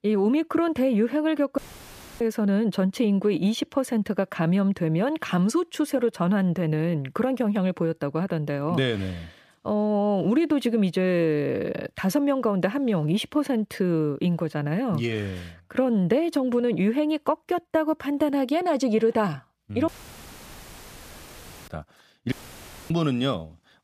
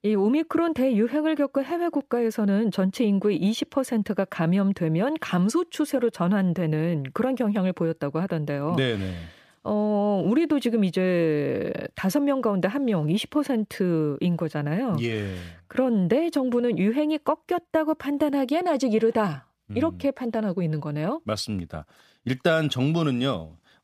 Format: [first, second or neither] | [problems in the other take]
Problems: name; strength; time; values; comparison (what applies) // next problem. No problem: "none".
second | audio cutting out; filled with static; at 1.5 s for 0.5 s, at 20 s for 2 s and at 22 s for 0.5 s